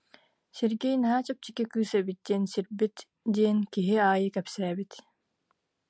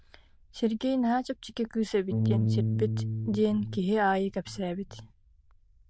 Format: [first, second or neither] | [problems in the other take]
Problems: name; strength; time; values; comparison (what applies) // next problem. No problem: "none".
first | noise reduction (neural diffusion model UNIVERSE++)